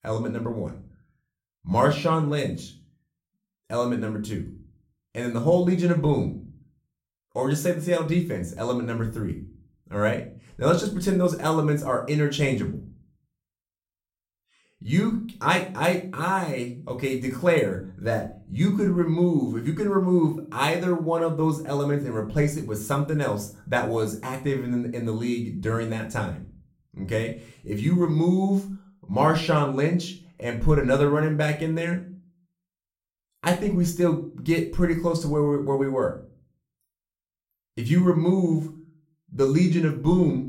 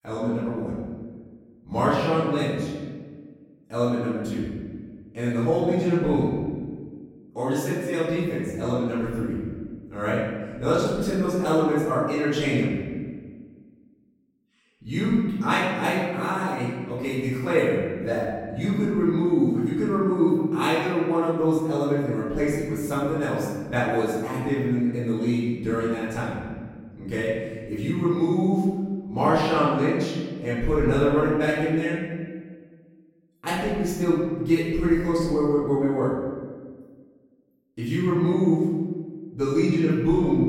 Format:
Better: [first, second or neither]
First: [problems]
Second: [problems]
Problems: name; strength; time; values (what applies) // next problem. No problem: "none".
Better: first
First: room echo; slight; dies away in 0.4 s // off-mic speech; somewhat distant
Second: room echo; strong; dies away in 1.4 s // off-mic speech; far